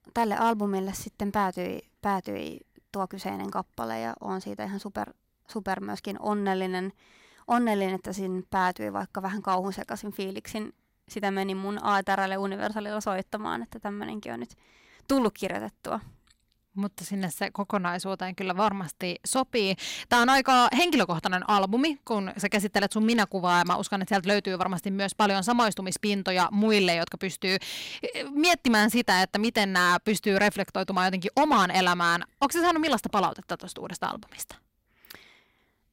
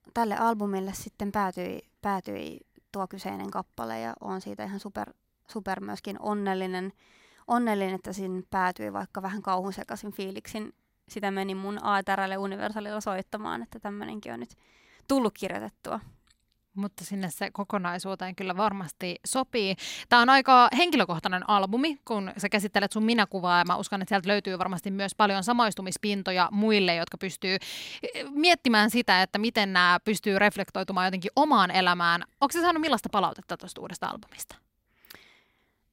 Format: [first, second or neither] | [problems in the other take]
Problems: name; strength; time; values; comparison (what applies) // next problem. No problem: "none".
second | distortion; slight; 3% of the sound clipped